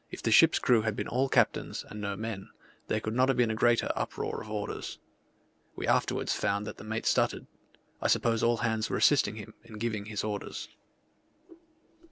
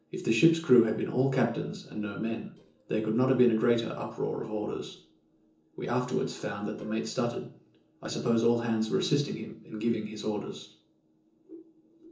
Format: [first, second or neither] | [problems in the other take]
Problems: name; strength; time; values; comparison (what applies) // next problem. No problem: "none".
first | noise reduction (neural separator model SepFormer DNS4)